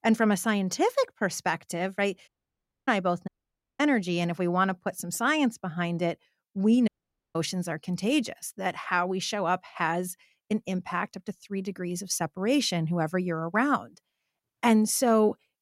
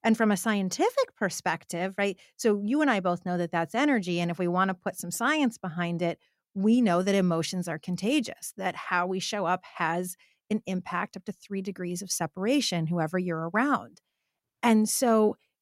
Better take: second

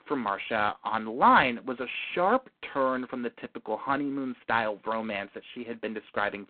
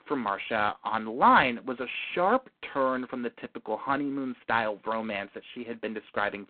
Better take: neither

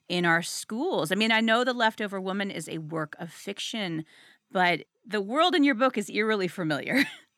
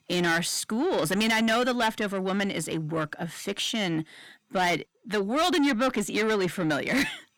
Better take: first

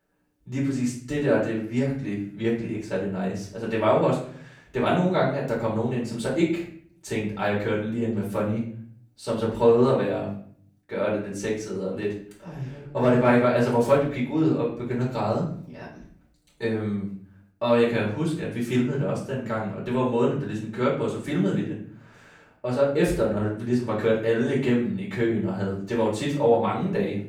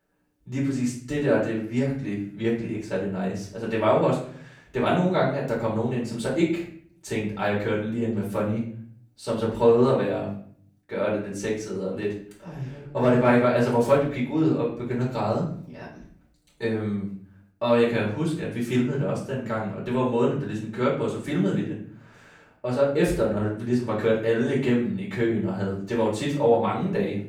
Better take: neither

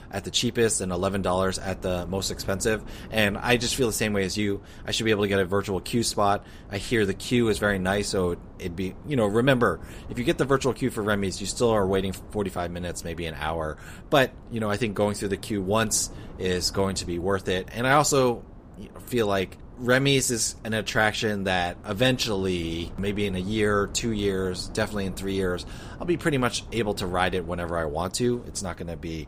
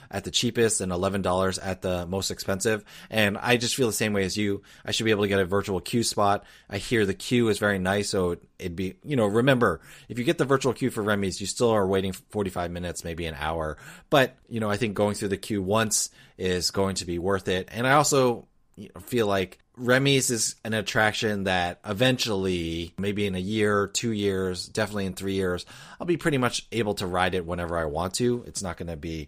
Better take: second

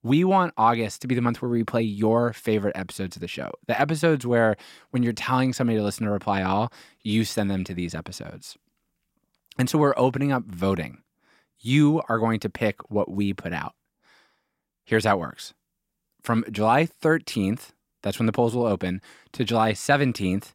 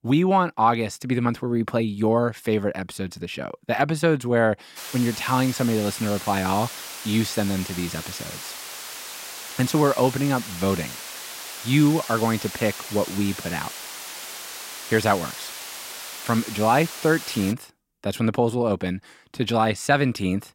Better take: first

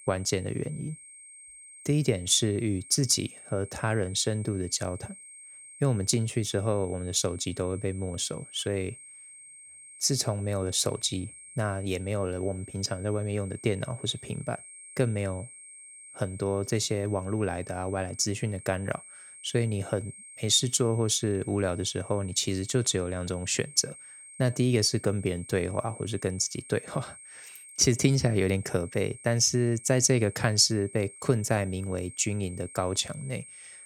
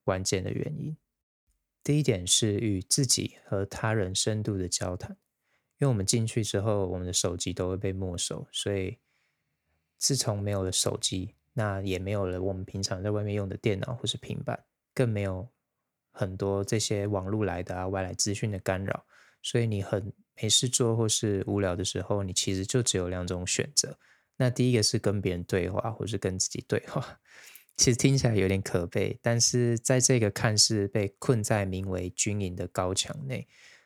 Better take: second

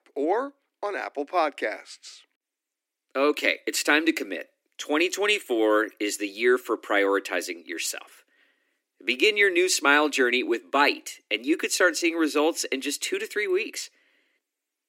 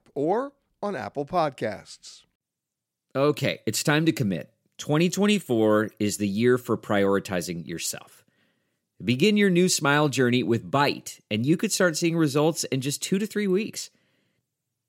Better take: second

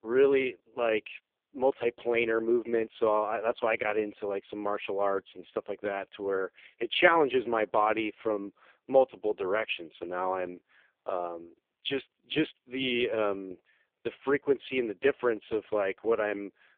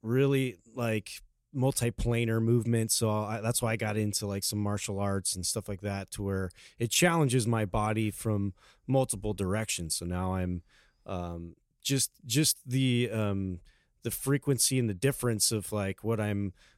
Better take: second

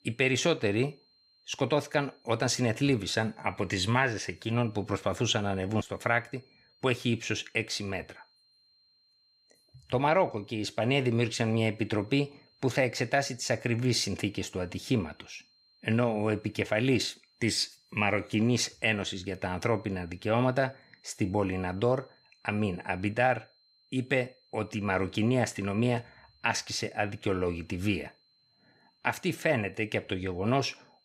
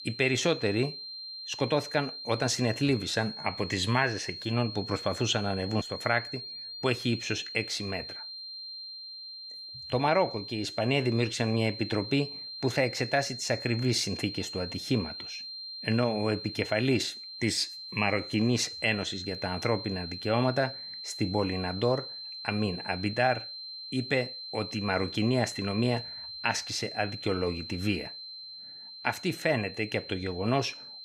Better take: first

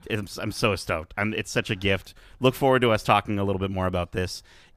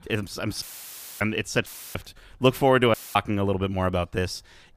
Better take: first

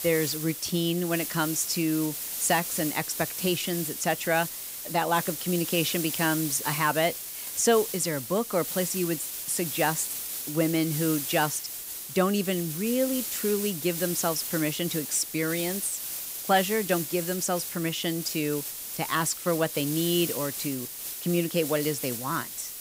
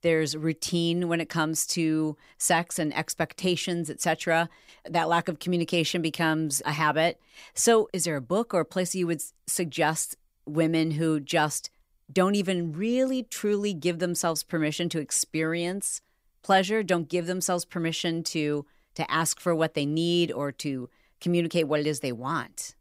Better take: second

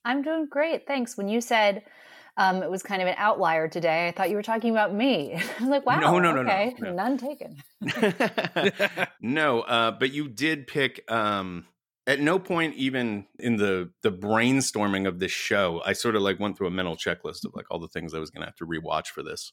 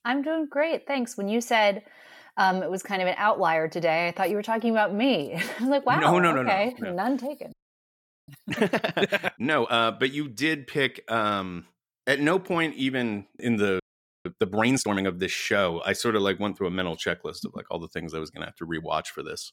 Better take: first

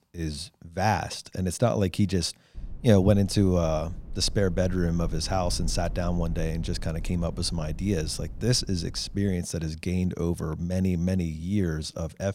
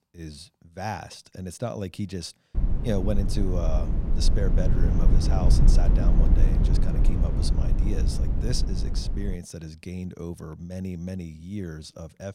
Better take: first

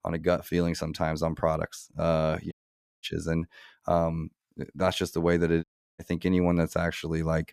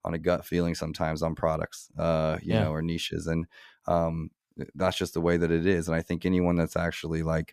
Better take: second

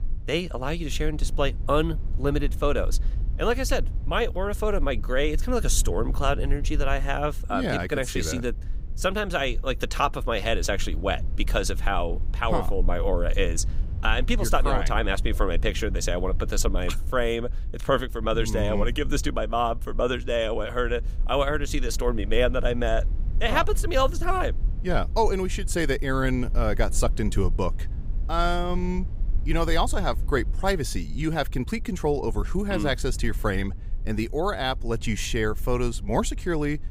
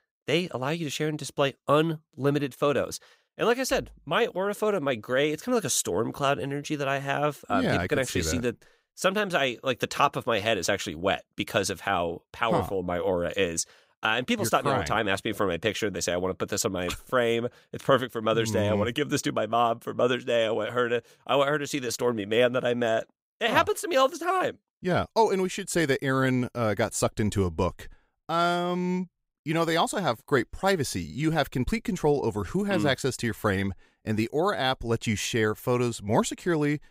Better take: second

